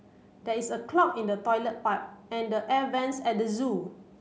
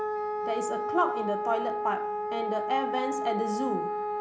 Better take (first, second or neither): first